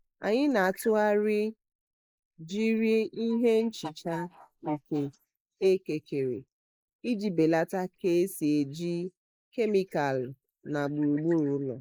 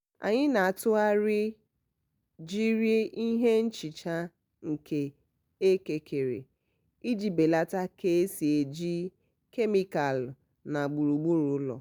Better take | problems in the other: second | noise reduction (neural mask model Resemble Enhance denoiser)

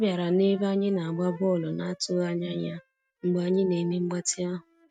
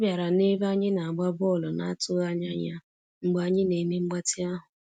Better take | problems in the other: second | noise reduction (neural mask model RNNoise)

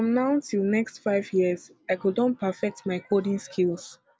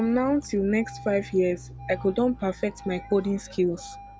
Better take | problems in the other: first | background sound (Engine starting); 17 dB below the speech

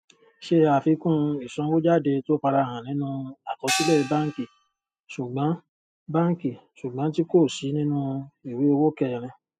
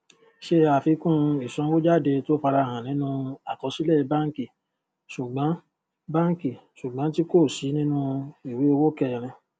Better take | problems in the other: second | noise reduction (classical method spectral subtraction)

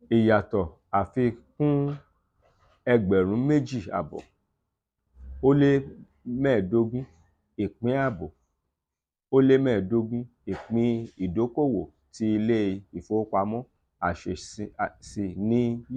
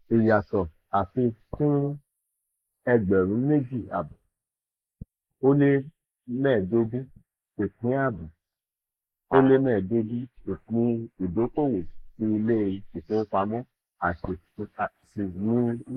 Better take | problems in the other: first | noise reduction (neural mask model Resemble Enhance denoiser)

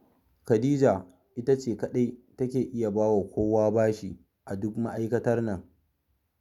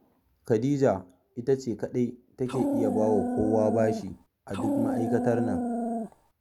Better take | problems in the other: first | background sound (Dog); 1 dB below the speech

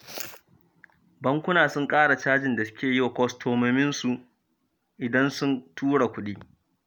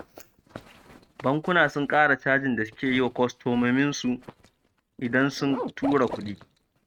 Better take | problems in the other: first | noise reduction (neural mask model RNNoise)

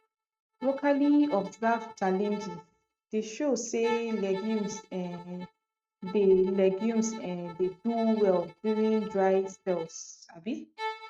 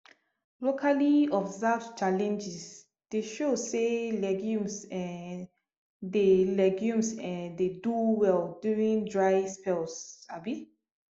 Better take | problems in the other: second | noise reduction (neural mask model RNNoise)

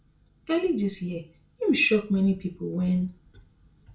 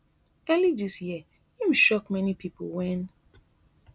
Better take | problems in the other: second | room echo; dies away in 0.3 s

